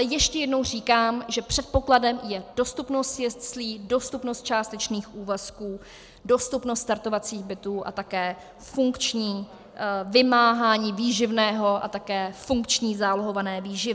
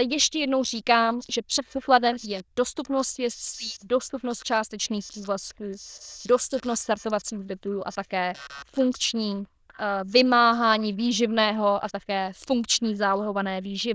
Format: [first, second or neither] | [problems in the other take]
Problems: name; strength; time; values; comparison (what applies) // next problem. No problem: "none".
first | noise reduction (neural diffusion model UNIVERSE++)